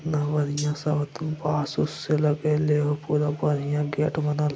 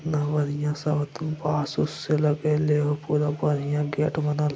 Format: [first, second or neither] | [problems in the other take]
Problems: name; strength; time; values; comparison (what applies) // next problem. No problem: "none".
second | background sound (Cutlery, silverware); 19 dB below the speech